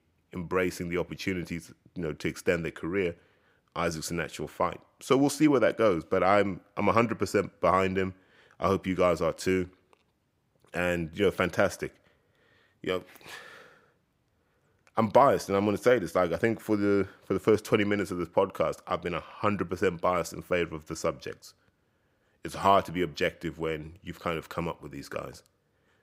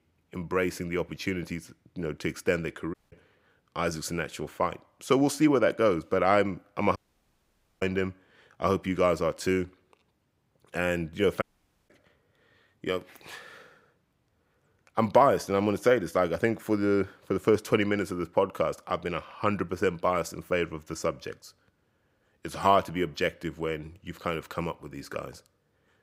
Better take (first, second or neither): first